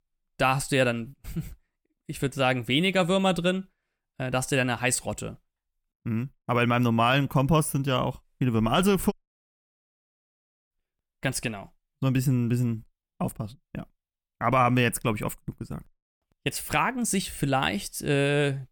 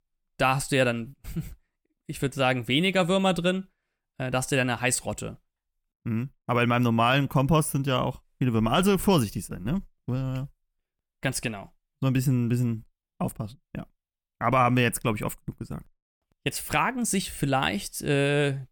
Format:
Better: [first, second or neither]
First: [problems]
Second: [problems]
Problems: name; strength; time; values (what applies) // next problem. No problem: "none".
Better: second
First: audio cutting out; at 9 s for 1.5 s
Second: none